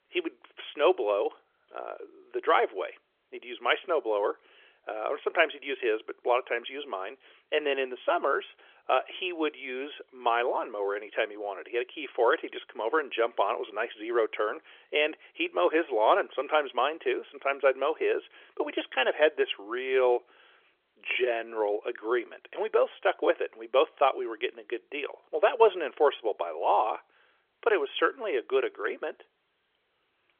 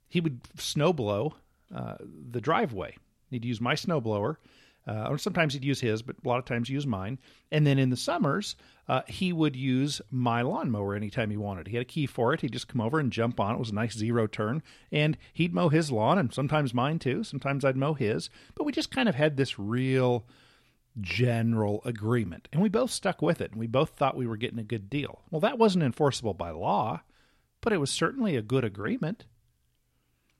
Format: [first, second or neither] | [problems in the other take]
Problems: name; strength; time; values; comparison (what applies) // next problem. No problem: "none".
second | phone-call audio; nothing above 3.5 kHz